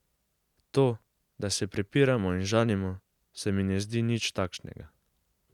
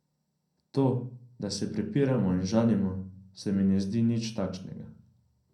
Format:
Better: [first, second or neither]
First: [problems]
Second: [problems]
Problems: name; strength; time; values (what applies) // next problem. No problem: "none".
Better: first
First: none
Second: room echo; dies away in 0.6 s